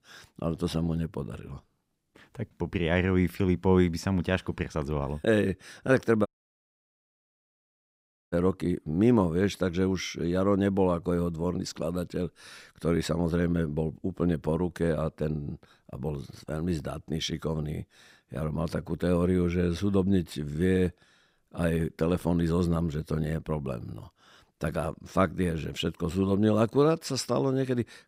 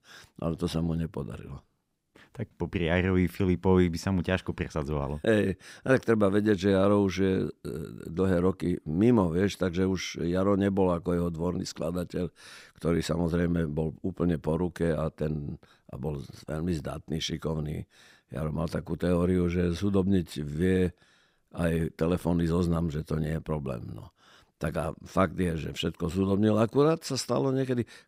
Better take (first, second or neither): second